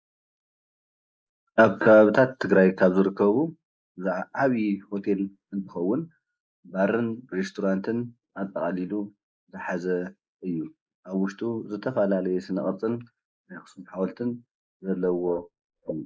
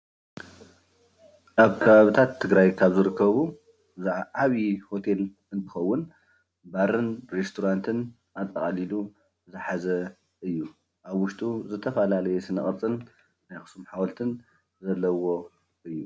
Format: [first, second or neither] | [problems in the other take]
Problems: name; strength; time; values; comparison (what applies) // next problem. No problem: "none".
second | noise reduction (neural mask model Resemble Enhance denoiser)